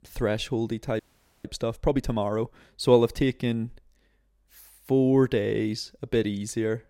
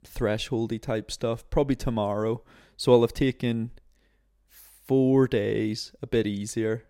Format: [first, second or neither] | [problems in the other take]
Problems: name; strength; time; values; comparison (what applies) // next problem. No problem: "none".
second | audio freezing; at 1 s